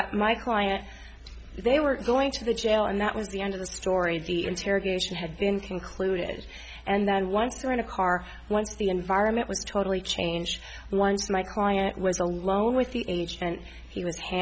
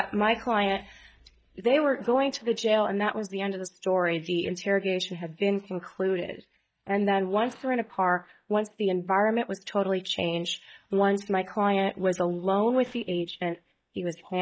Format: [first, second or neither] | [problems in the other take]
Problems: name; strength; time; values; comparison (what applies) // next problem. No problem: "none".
first | noise reduction (neural mask model DeepFilterNet 3)